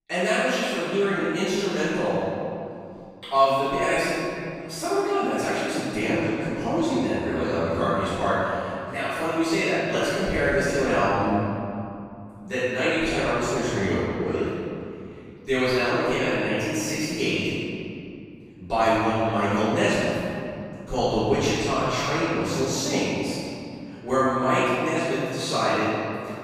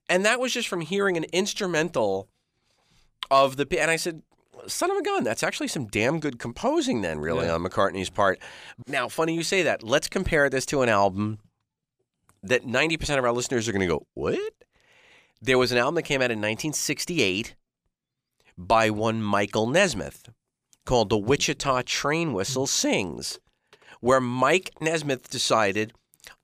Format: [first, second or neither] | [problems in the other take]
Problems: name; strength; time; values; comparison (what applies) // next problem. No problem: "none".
second | off-mic speech; far // room echo; strong; dies away in 2.6 s